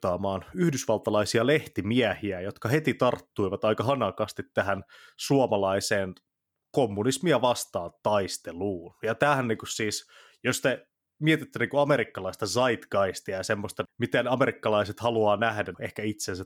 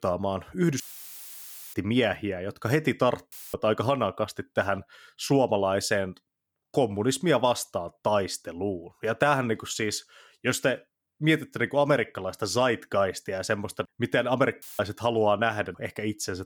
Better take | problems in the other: first | audio cutting out; filled with static; at 1 s for 1 s, at 3.5 s and at 15 s

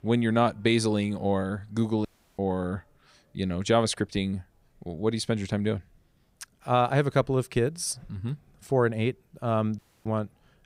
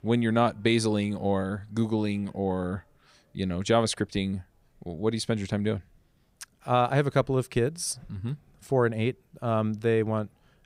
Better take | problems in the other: second | audio cutting out; at 2 s and at 10 s

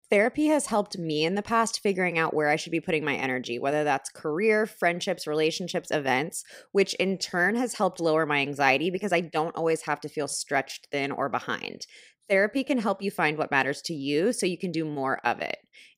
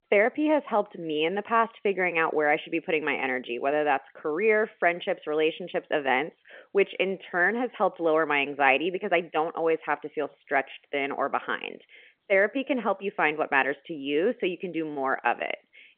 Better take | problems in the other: first | phone-call audio

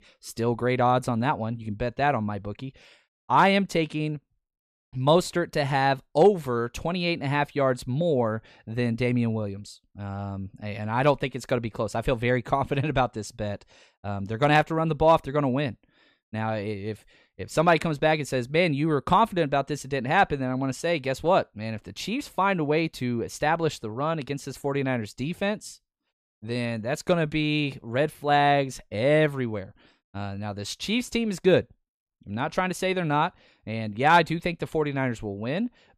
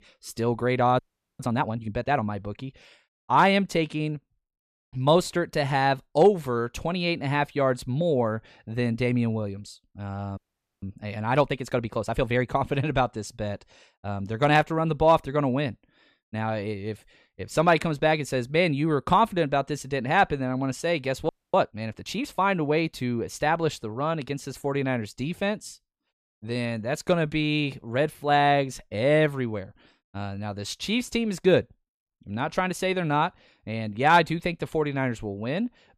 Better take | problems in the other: first | audio freezing; at 1 s, at 10 s and at 21 s

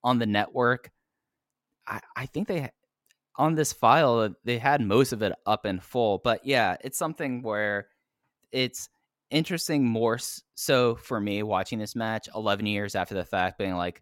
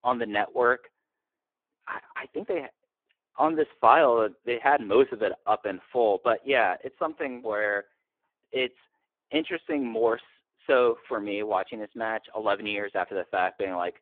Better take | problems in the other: first | phone-call audio; poor line

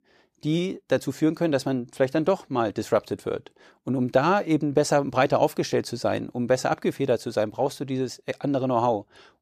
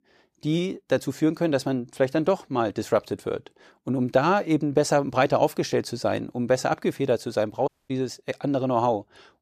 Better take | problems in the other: first | audio cutting out; at 7.5 s

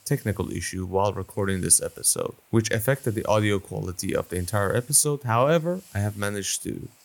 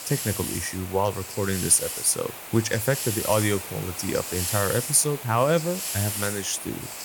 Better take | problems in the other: first | hiss; loud; throughout; 6 dB below the speech; faint in the first

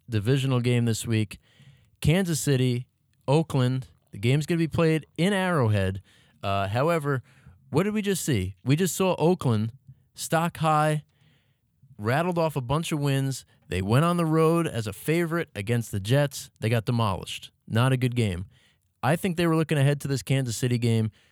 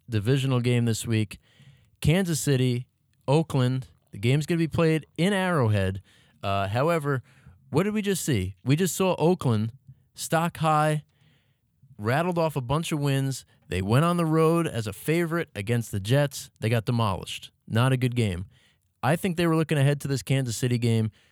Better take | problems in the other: neither | none

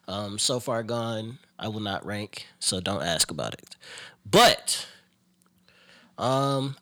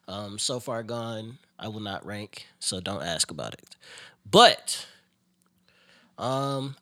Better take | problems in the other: second | distortion; heavy; 1.3% of the sound clipped

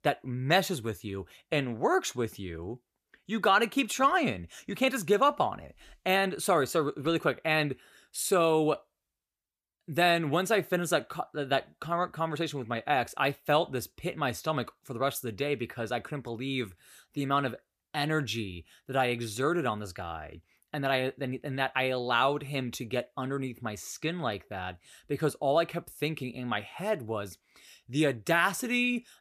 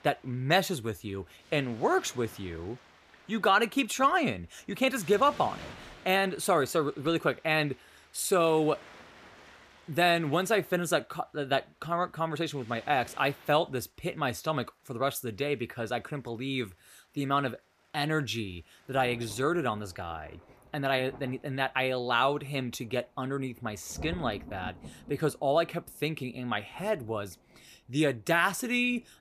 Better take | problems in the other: first | rain or running water; faint; throughout; 20 dB below the speech

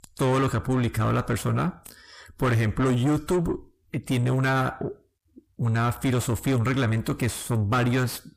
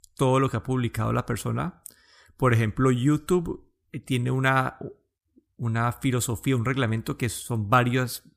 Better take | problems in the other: second | distortion; heavy; 6 dB below the speech

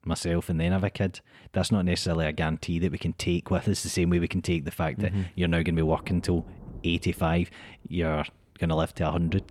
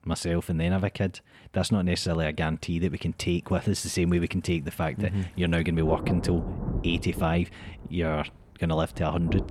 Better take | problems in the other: first | rain or running water; loud; throughout; 8 dB below the speech; faint in the first

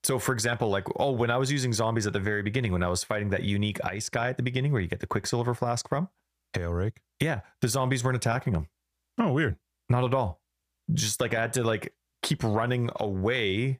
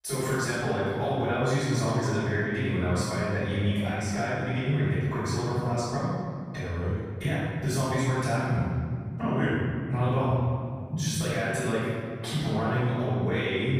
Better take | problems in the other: first | off-mic speech; far // room echo; strong; dies away in 2.2 s

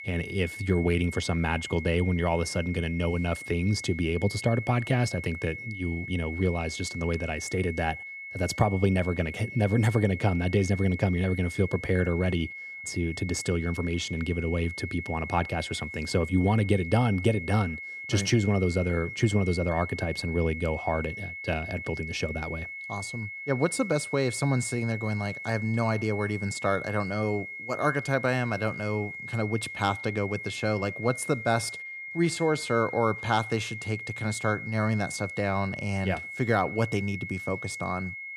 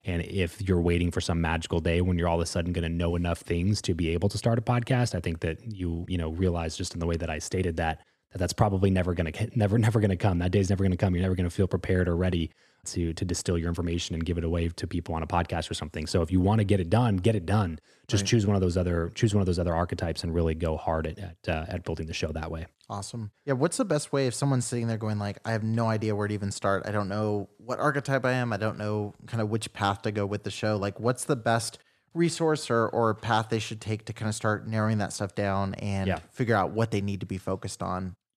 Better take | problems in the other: second | high-pitched whine; loud; throughout; 2 kHz, 9 dB below the speech

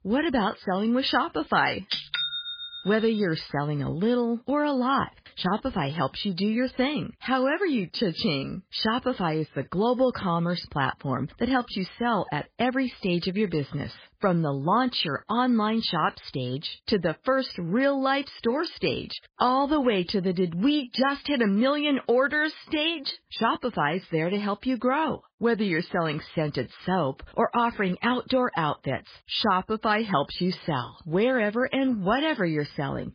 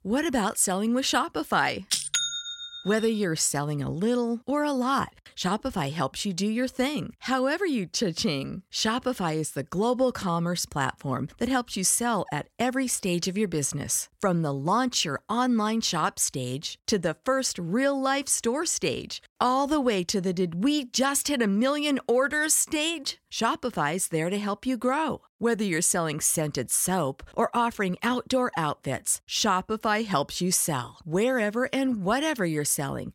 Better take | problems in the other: second | garbled, watery; badly; nothing above 5 kHz

